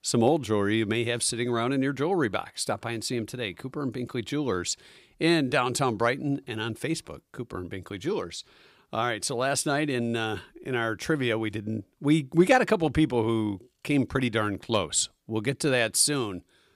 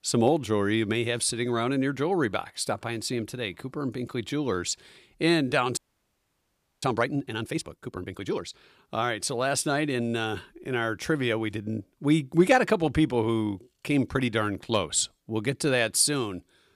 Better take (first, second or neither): first